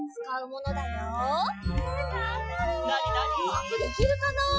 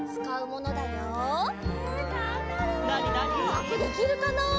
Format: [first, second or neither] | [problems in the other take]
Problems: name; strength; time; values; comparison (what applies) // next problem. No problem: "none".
second | noise reduction (classical method Wiener filter)